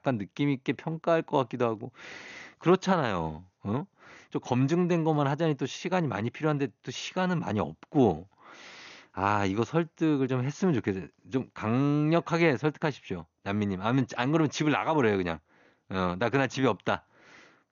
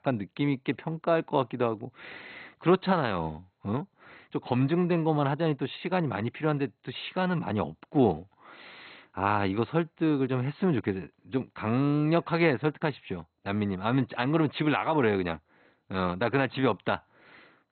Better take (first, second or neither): first